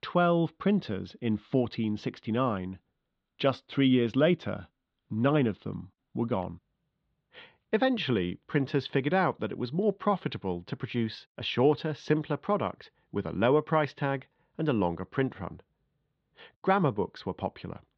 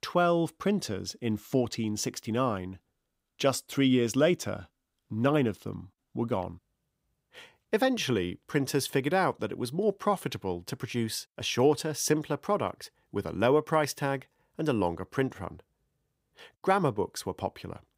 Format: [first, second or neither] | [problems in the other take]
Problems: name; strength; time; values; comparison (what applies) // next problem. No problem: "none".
second | muffled; slightly; fading above 4 kHz